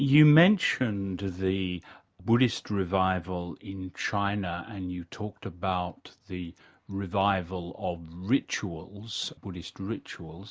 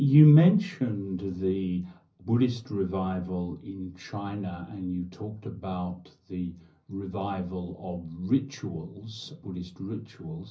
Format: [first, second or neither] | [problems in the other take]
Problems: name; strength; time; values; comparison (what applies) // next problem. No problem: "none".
first | room echo; dies away in 0.5 s